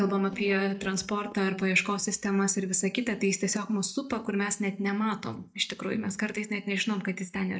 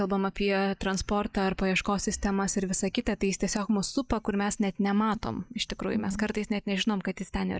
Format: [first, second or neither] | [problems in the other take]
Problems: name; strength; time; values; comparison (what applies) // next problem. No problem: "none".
second | noise reduction (neural mask model DeepFilterNet 3)